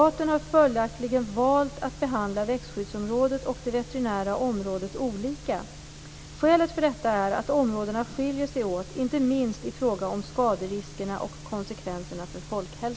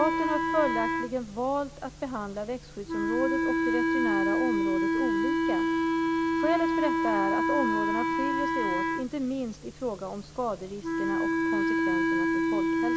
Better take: first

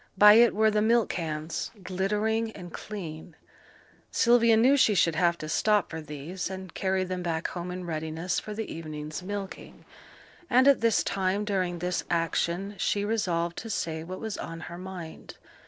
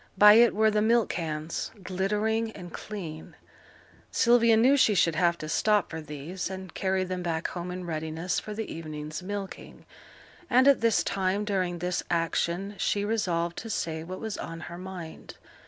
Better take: second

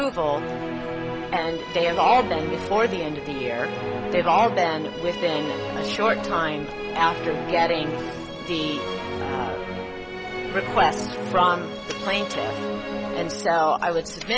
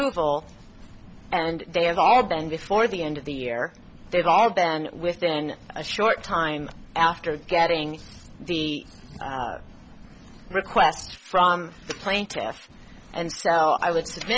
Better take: second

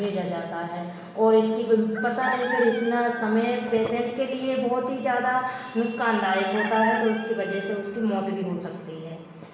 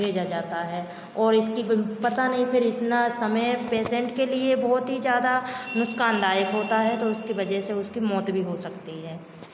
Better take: second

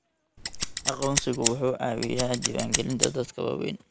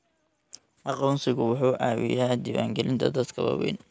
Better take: second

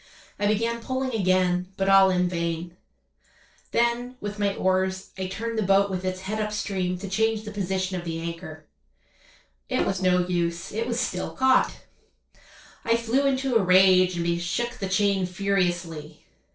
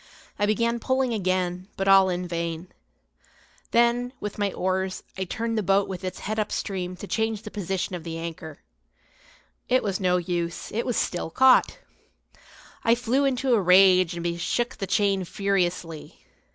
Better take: second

